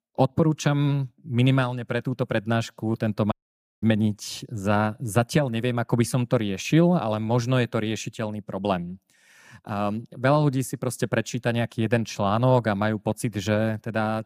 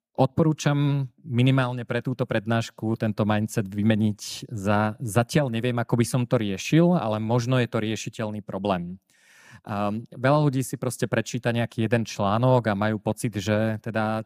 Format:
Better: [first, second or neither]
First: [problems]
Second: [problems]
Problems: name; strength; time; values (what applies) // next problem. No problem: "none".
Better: second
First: audio cutting out; at 3.5 s for 0.5 s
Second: none